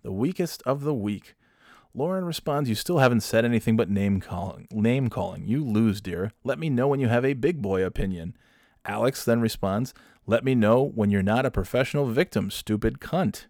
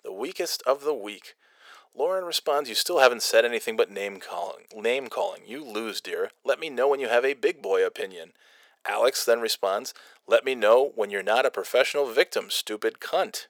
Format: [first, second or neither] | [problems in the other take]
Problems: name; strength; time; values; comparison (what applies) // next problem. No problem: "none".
first | thin; very; fading below 450 Hz